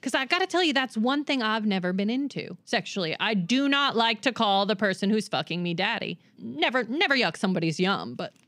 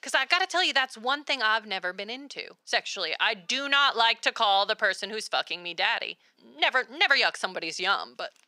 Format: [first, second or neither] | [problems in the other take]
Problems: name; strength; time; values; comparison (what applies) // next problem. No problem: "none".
first | thin; very; fading below 750 Hz